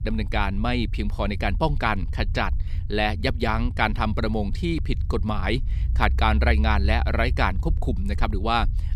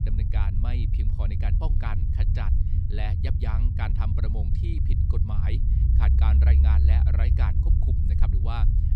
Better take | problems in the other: first | low rumble; loud; throughout; 1 dB below the speech; faint in the first

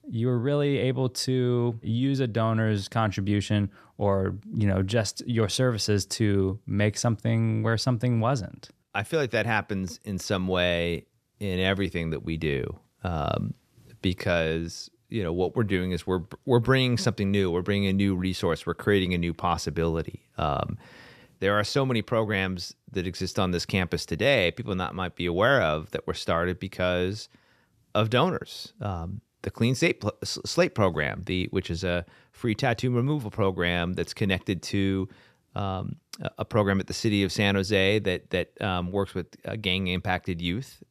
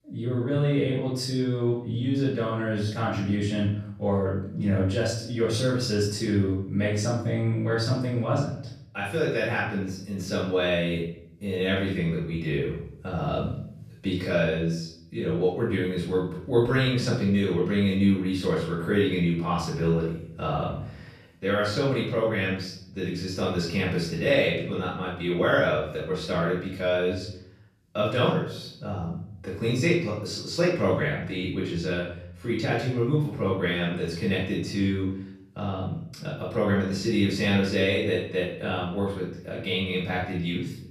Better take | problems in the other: first | off-mic speech; far // room echo; noticeable; dies away in 0.6 s

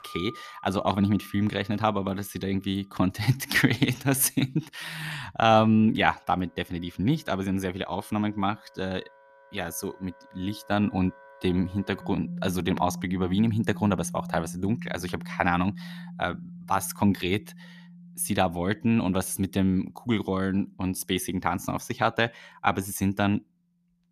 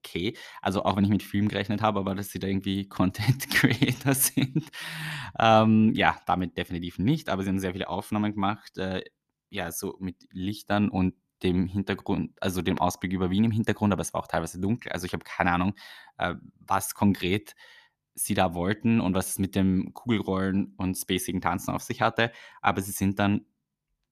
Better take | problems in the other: second | background music; noticeable; throughout; 15 dB below the speech

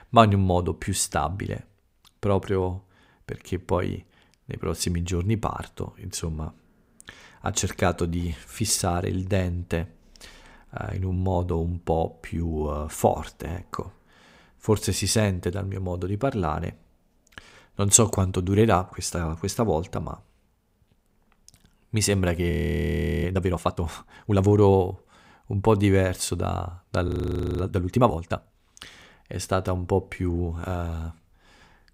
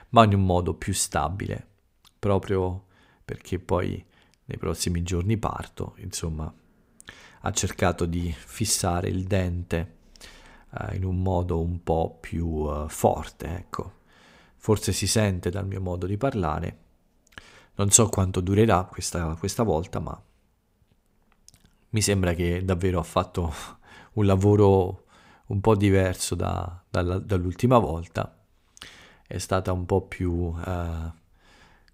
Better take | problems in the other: second | audio freezing; at 23 s for 0.5 s and at 27 s for 0.5 s

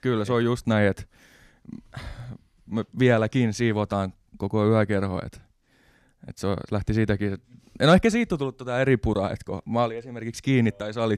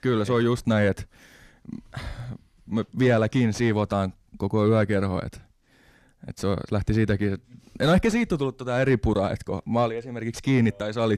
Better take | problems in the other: first | distortion; slight; 10 dB below the speech

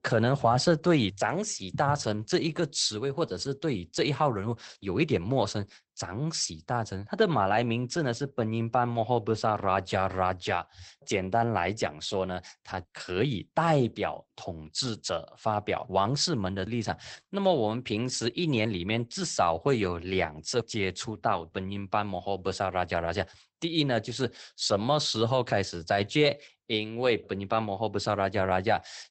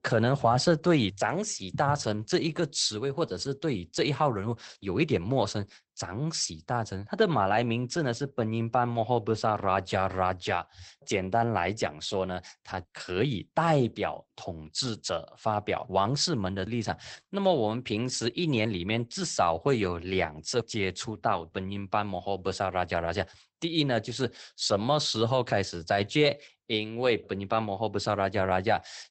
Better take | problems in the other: neither | garbled, watery; badly; nothing above 8 kHz; the same in both

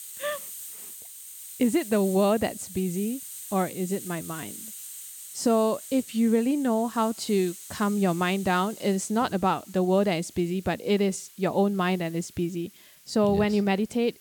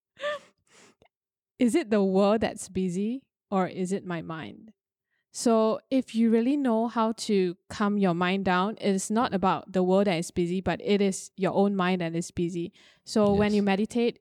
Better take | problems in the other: second | hiss; noticeable; throughout; 15 dB below the speech

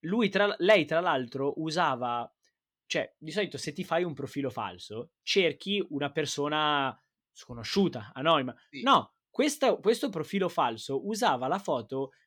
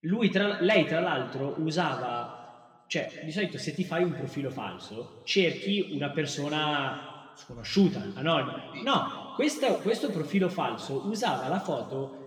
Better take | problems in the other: first | room echo; noticeable; dies away in 1.6 s // off-mic speech; somewhat distant

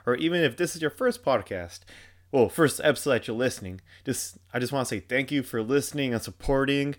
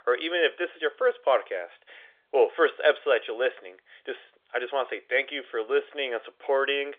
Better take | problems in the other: first | phone-call audio; nothing above 3.5 kHz

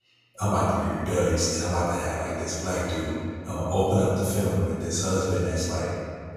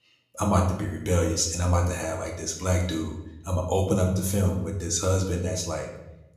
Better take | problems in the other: second | room echo; strong; dies away in 2.1 s; slight in the second // off-mic speech; far; somewhat distant in the second

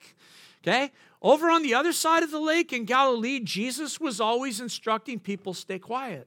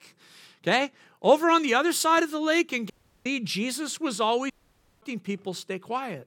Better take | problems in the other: first | audio cutting out; at 3 s and at 4.5 s for 0.5 s

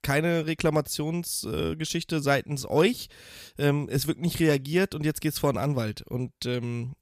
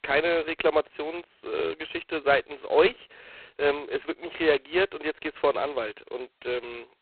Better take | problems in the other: first | phone-call audio; poor line; nothing above 4 kHz

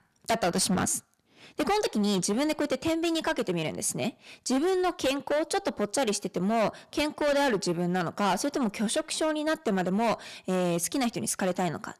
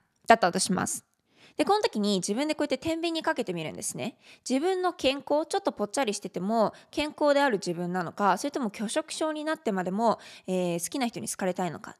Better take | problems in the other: second | distortion; heavy; 13% of the sound clipped

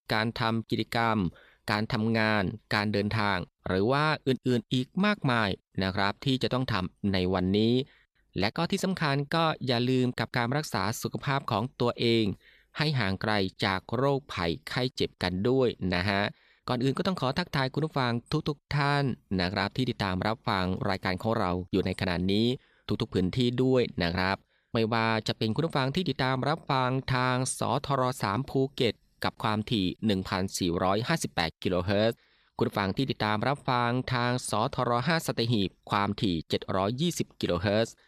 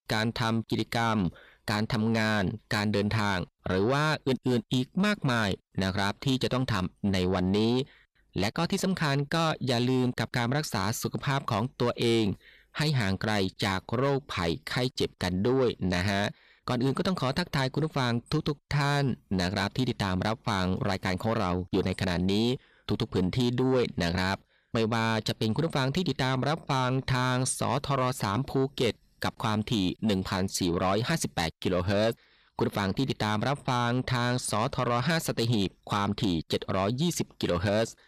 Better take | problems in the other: first | distortion; slight; 10 dB below the speech

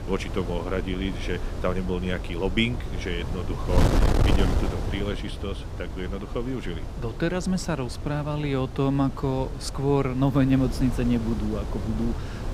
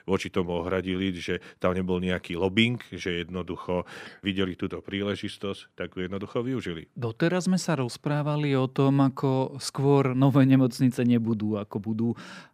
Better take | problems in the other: second | wind noise on the microphone; heavy; 6 dB below the speech

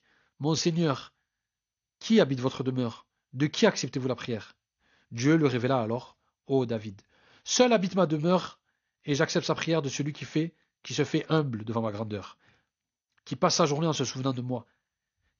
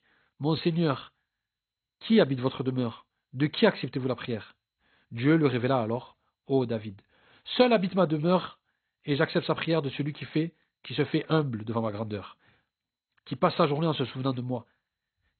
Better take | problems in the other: first | garbled, watery; badly; nothing above 4 kHz; slightly in the first

